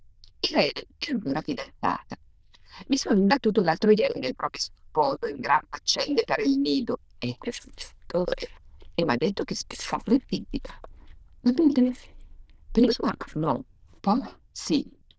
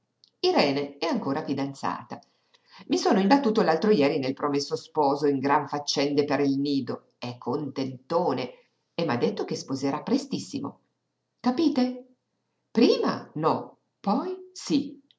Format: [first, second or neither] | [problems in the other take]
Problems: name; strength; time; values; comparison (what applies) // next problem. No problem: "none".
second | noise reduction (neural diffusion model UNIVERSE++)